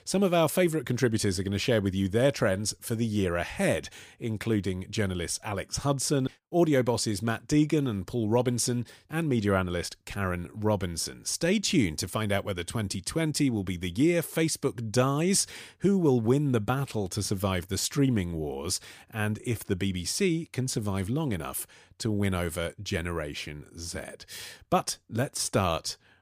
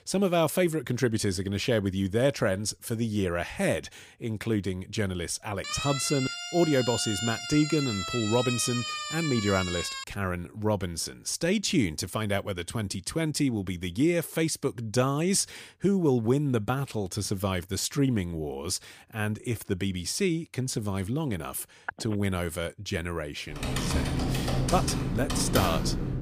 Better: first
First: none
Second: siren; noticeable; from 5.5 to 10 s; peak 3 dB below the speech // phone ringing; faint; at 22 s; peak 10 dB below the speech // keyboard typing; loud; from 24 s on; peak 1 dB above the speech

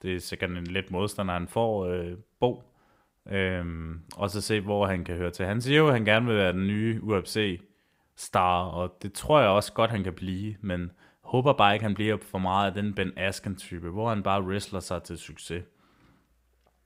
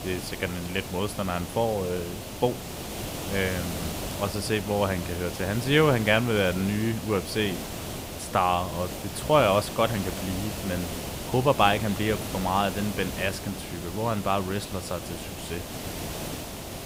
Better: first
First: none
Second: hiss; loud; throughout; 8 dB below the speech

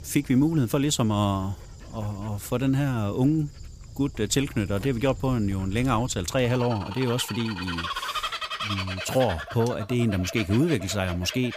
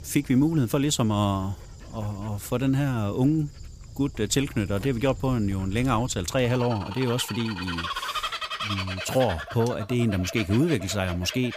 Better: neither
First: animal sounds; noticeable; throughout; 10 dB below the speech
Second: animal sounds; noticeable; throughout; 10 dB below the speech

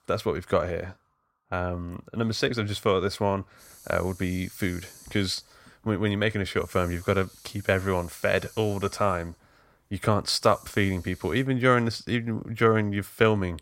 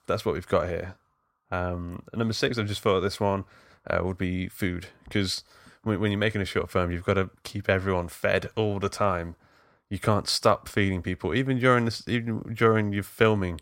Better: second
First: hiss; faint; from 3.5 to 11 s; 20 dB below the speech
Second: none

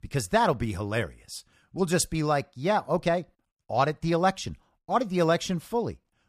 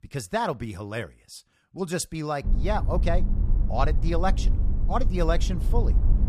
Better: first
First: none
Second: low rumble; noticeable; from 2.5 s on; 15 dB below the speech

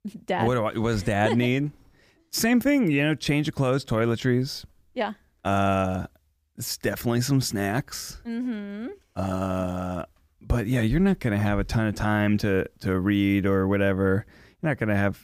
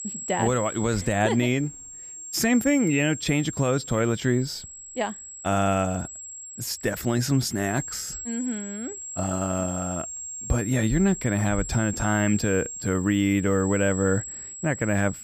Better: first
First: none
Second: high-pitched whine; loud; throughout; 7.5 kHz, 9 dB below the speech

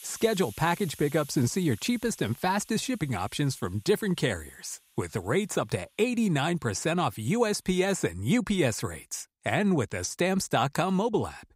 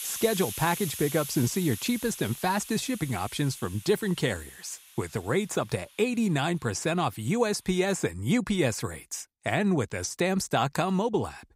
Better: first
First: hiss; faint; until 8 s; 20 dB below the speech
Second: hiss; loud; until 8 s; 10 dB below the speech

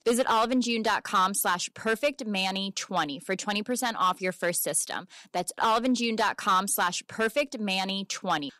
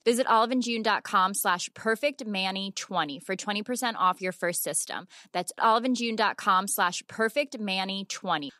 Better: second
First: distortion; slight; 4% of the sound clipped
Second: none

